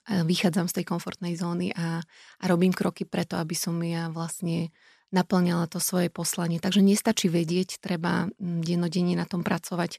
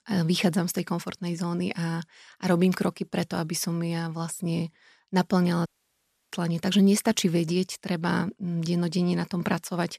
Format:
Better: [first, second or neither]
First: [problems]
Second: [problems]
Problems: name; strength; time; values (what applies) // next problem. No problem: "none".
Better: first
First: none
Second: audio cutting out; at 5.5 s for 0.5 s